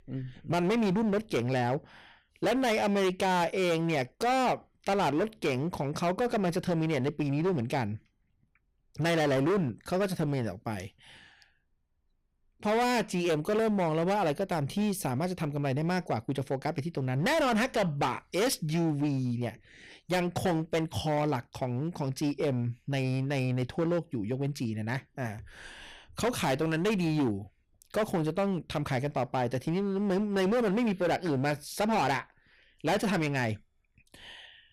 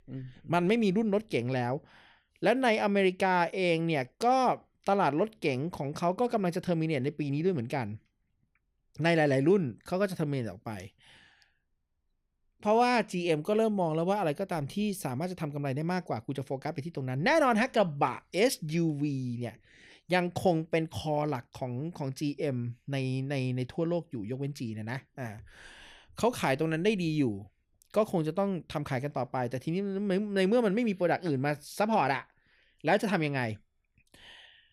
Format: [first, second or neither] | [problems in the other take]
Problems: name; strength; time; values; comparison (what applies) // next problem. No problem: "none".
second | distortion; heavy; 15% of the sound clipped